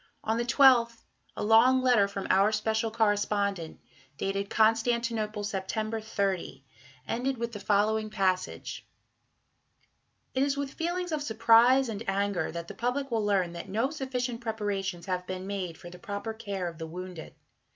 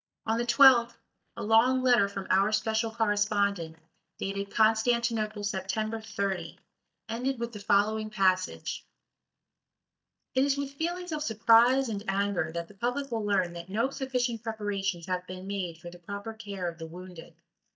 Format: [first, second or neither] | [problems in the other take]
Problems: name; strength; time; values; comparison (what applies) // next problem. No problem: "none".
first | noise reduction (neural mask model DeepFilterNet 3)